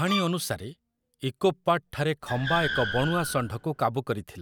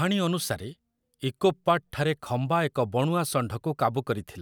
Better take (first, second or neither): second